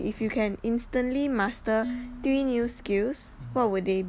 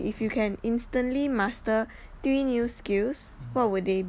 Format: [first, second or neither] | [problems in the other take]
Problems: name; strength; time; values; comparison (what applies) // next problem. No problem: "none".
second | background sound (Dishes, pots, and pans); 17 dB below the speech